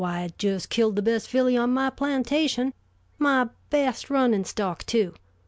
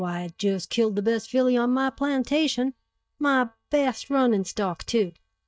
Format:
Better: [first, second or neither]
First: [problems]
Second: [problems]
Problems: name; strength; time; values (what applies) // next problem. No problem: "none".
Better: first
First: none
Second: noise reduction (neural mask model DeepFilterNet 3)